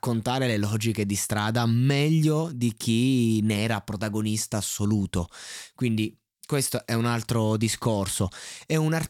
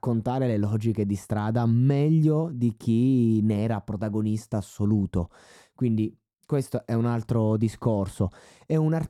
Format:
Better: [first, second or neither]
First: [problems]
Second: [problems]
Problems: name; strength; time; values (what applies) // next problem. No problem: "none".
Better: first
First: none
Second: muffled; very; fading above 1.5 kHz